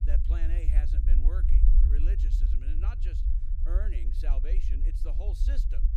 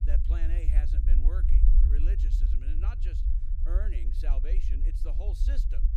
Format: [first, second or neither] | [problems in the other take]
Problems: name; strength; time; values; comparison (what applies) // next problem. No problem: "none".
neither | low rumble; loud; throughout; 2 dB below the speech; the same in both